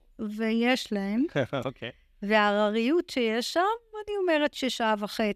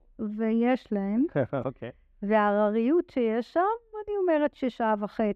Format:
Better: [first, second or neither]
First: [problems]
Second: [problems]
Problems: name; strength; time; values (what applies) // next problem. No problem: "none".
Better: first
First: none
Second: muffled; very; fading above 2.5 kHz